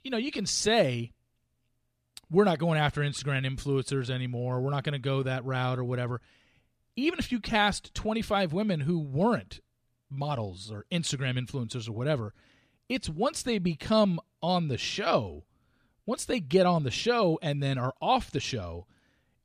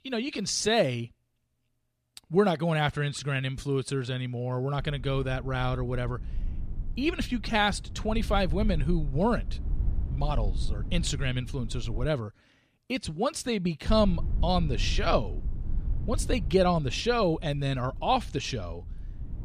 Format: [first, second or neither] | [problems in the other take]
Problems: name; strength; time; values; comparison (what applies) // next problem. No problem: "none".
first | low rumble; faint; from 5 to 12 s and from 14 s on; 20 dB below the speech